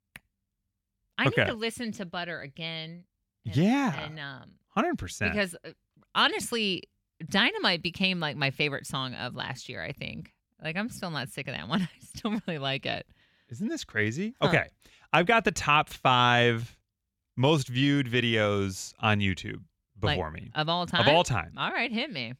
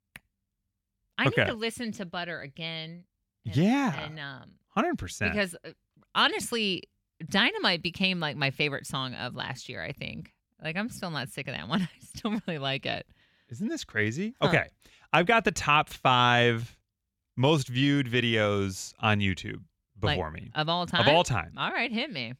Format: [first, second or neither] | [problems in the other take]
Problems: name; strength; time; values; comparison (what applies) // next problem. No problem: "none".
neither | none